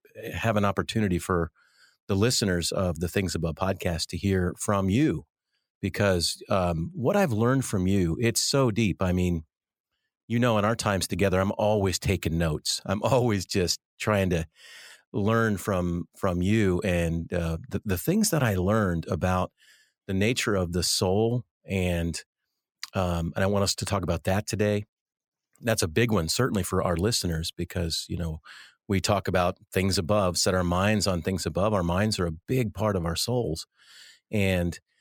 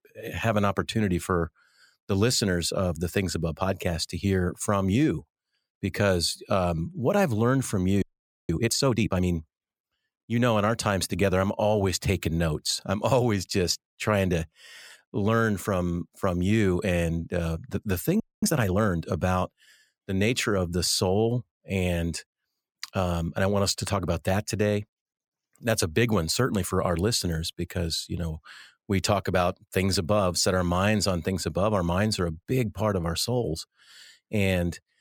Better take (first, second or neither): first